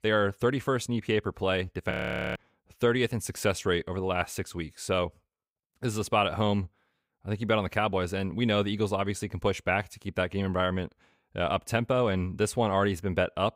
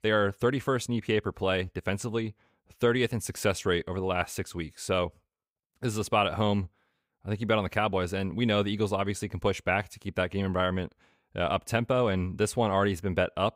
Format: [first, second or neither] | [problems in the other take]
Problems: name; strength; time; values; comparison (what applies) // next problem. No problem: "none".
second | audio freezing; at 2 s